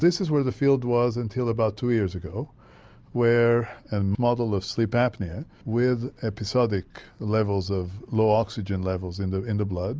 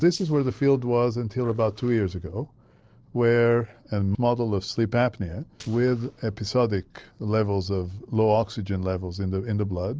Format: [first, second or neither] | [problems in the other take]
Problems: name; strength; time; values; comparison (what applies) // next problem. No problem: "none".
first | noise reduction (neural separator model SepFormer DNS4)